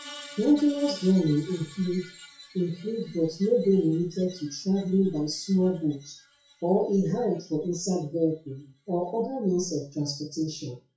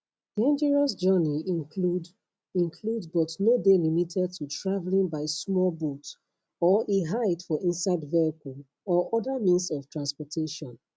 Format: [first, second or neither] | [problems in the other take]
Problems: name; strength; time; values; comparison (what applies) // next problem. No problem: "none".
second | noise reduction (classical method WPE with log-MMSE)